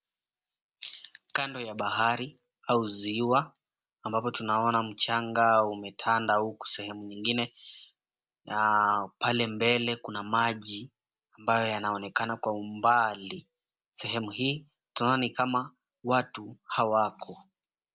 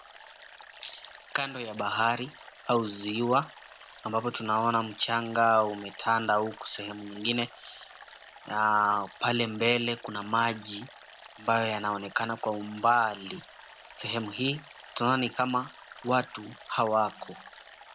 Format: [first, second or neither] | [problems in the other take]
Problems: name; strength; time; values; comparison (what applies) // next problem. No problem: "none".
first | background sound (Stream); 20 dB below the speech